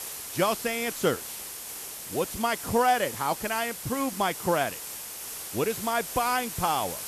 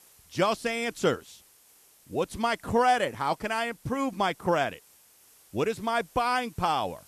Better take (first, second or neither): second